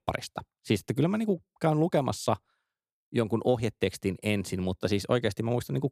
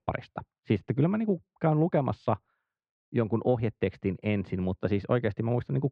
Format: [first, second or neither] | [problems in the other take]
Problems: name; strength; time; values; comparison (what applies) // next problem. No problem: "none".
first | muffled; very; fading above 2.5 kHz